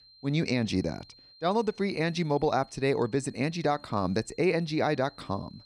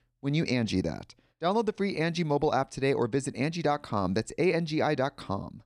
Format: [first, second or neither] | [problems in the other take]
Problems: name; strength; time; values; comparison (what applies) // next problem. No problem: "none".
second | high-pitched whine; faint; throughout; 4 kHz, 25 dB below the speech